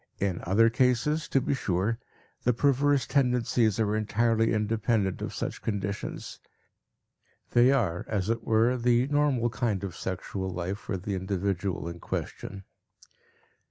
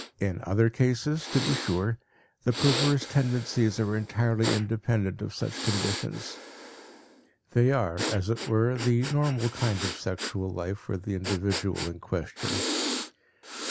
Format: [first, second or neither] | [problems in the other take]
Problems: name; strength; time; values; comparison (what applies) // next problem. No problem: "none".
first | background sound (Breathing); 8 dB below the speech